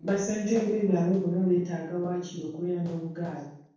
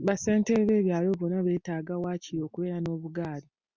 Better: second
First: noise reduction (neural separator model SepFormer DNS4)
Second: none

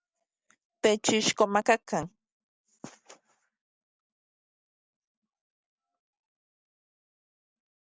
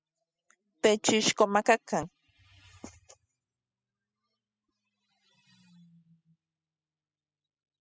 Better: first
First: none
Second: noise reduction (classical method spectral subtraction)

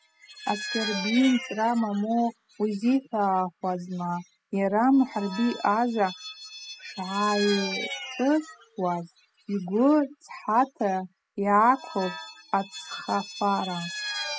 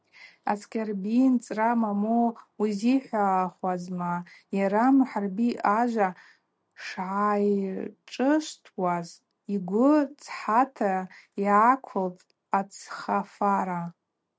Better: second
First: noise reduction (classical method spectral subtraction)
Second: none

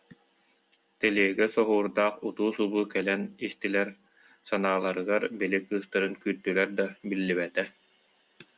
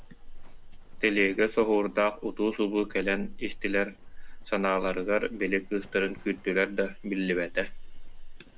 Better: first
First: none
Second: background sound (Livestock, farm animals, working animals); 11 dB below the speech

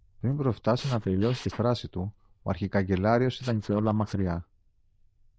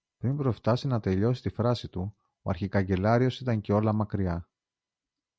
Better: second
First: noise reduction (neural diffusion model UNIVERSE++)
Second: none

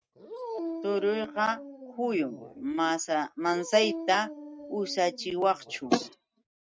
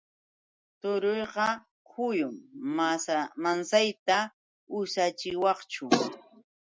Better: second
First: noise reduction (neural mask model RNNoise)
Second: none

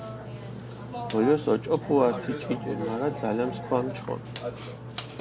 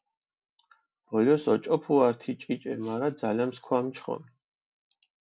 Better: second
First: background sound (Burping, eructation); 7 dB below the speech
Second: none

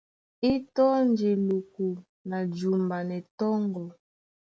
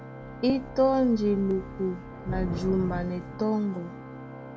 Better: first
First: none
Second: background sound (Organ + Thunder / Rain); 10 dB below the speech

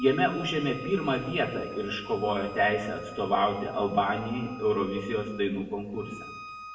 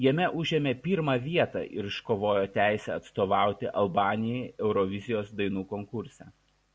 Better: second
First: background sound (Bowed string instrument); 16 dB below the speech // room echo; dies away in 1 s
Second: none

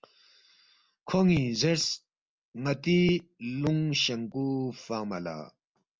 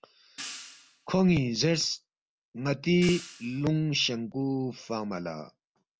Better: first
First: none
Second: background sound (Hi-hat); 17 dB below the speech

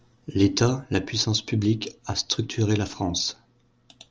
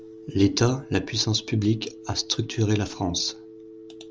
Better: first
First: none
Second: background sound (Telephone); 18 dB below the speech

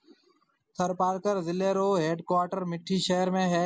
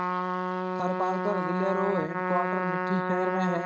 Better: first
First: none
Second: noise reduction (neural mask model RNNoise)

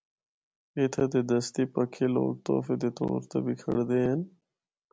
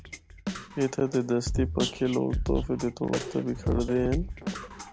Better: first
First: none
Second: background sound (Drum kit); 4 dB below the speech

